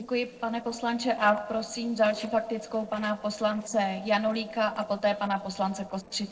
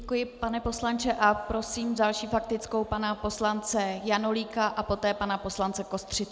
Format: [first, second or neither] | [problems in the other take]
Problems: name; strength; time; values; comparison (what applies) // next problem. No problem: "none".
second | noise reduction (neural separator model SepFormer DNS4)